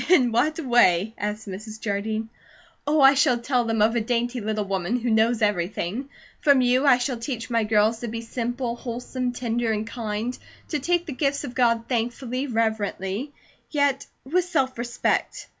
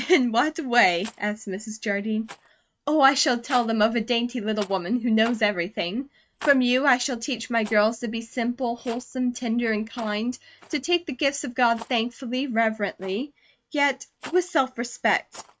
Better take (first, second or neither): first